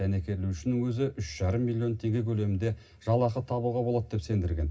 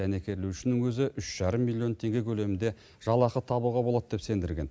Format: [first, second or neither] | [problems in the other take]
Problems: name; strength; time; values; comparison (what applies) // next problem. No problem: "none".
second | room echo; dies away in 0.4 s